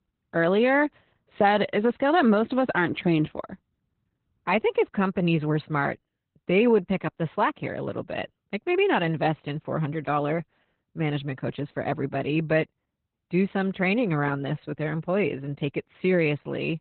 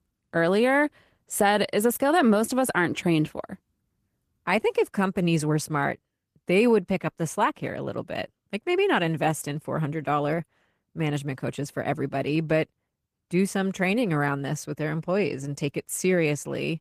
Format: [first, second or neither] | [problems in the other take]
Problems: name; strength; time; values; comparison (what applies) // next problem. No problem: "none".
second | garbled, watery; badly; nothing above 4 kHz; slightly in the second